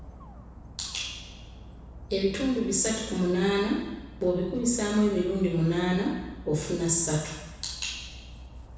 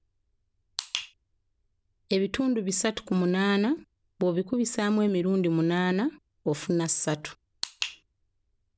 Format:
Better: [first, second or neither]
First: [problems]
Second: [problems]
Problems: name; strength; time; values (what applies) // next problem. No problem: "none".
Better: second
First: background sound (Dog); 16 dB below the speech // room echo; dies away in 1 s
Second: none